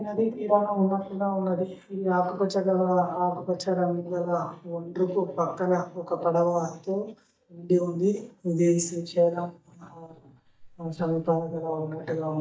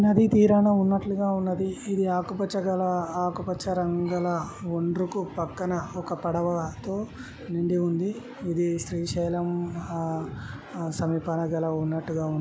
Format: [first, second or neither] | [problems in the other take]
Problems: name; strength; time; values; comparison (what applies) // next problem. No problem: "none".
second | noise reduction (neural mask model DeepFilterNet 3)